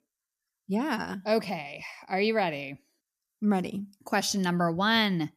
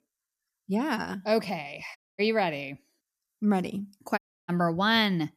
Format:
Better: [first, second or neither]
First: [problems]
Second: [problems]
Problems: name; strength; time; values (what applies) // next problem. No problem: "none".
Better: first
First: none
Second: audio cutting out; at 2 s and at 4 s